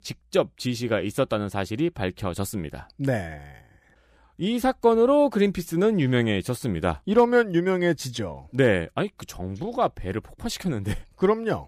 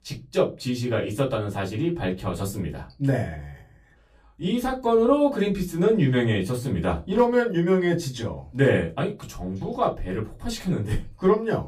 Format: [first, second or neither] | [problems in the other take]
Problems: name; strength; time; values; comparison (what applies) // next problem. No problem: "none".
first | off-mic speech; far // room echo; very slight; dies away in 0.2 s